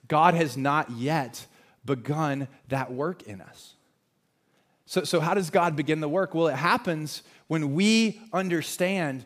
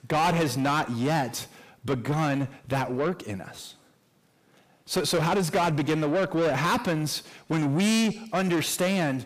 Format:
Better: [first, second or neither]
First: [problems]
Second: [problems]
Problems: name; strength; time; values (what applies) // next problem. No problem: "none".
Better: first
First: none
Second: distortion; heavy; 6 dB below the speech